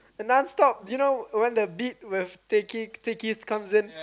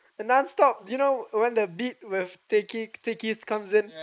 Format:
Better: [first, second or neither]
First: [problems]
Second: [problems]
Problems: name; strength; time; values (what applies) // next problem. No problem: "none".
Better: first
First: none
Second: noise reduction (neural mask model Resemble Enhance denoiser)